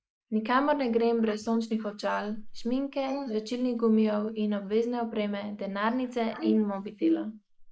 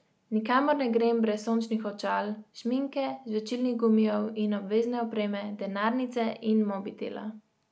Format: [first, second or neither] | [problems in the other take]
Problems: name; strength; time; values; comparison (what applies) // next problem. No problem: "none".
second | noise reduction (neural mask model Resemble Enhance denoiser)